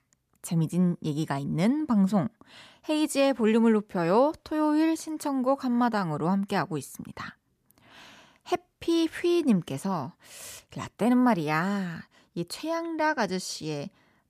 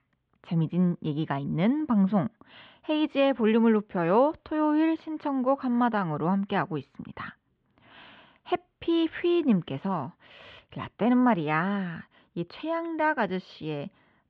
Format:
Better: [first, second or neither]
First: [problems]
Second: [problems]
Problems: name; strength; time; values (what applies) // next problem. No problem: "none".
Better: first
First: none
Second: muffled; very; fading above 3.5 kHz